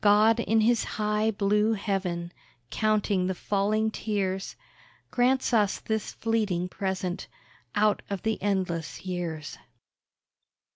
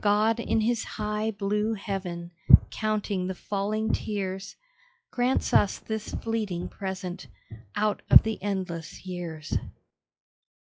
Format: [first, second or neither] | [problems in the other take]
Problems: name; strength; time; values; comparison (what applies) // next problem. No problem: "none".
first | noise reduction (classical method log-MMSE)